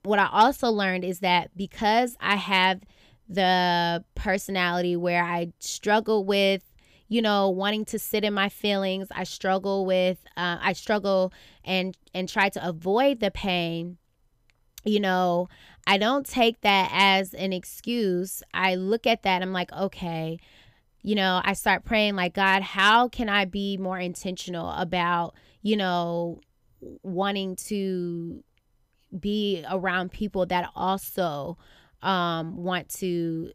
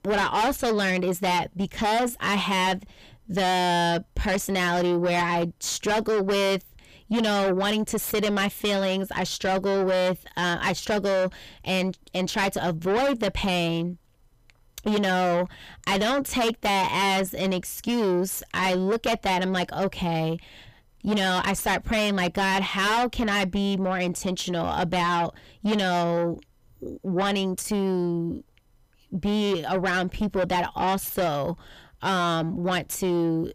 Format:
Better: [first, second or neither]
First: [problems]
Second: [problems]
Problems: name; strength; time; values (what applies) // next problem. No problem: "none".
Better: first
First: none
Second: distortion; heavy; 5 dB below the speech